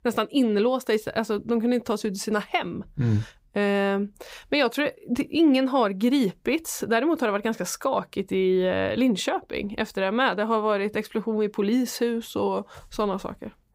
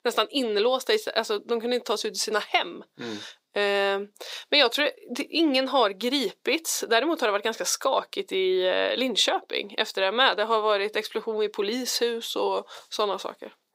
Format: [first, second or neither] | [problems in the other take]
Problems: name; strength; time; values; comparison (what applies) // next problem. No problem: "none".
first | thin; somewhat; fading below 350 Hz